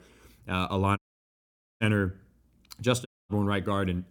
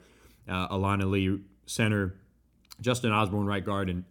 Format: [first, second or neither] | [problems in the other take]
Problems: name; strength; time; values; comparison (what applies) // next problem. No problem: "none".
second | audio cutting out; at 1 s for 1 s and at 3 s